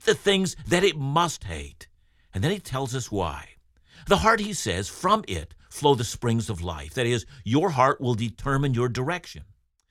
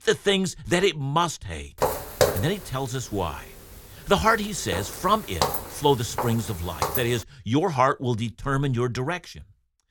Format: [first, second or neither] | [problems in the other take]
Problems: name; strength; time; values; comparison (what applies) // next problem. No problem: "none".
first | footsteps; loud; from 2 to 7 s; peak 2 dB above the speech